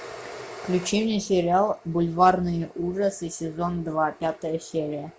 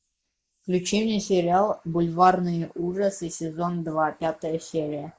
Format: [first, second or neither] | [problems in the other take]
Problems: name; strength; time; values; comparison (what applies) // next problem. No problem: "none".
first | noise reduction (neural mask model Resemble Enhance denoiser)